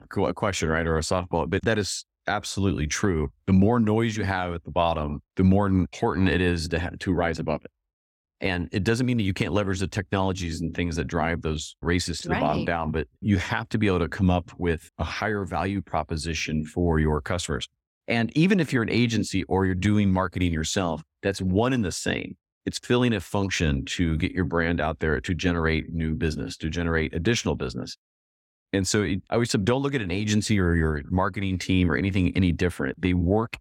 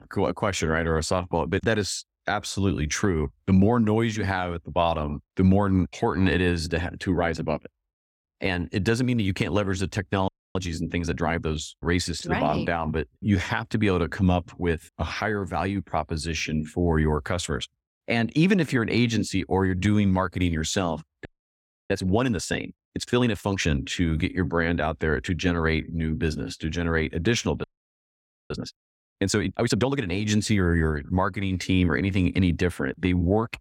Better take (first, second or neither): first